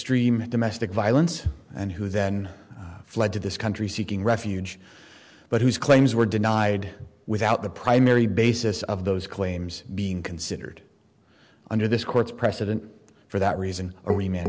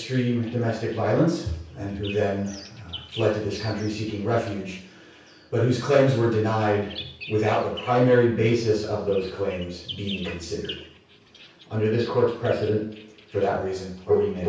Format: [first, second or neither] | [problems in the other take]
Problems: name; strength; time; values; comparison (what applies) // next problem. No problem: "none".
first | background sound (Bird vocalization, bird call, bird song); 20 dB below the speech // room echo; dies away in 0.6 s